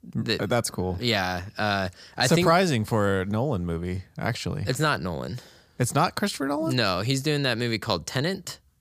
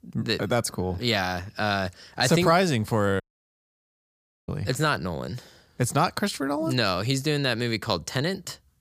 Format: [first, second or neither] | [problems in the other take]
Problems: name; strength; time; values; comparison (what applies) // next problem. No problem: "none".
first | audio cutting out; at 3 s for 1.5 s